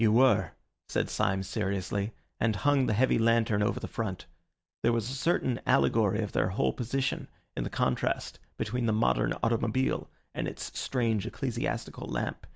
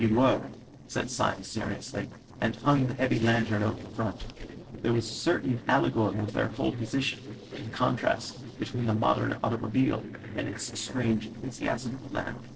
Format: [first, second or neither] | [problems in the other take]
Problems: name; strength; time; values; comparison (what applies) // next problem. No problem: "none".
first | noise reduction (neural separator model SepFormer DNS4)